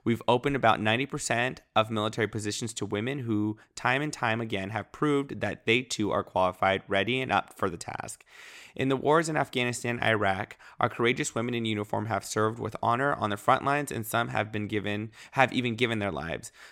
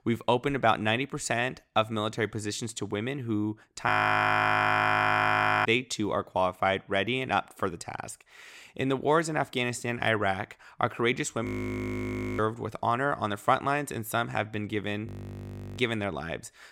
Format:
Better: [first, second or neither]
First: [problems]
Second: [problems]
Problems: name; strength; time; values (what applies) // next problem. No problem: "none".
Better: first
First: none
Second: audio freezing; at 4 s for 2 s, at 11 s for 1 s and at 15 s for 0.5 s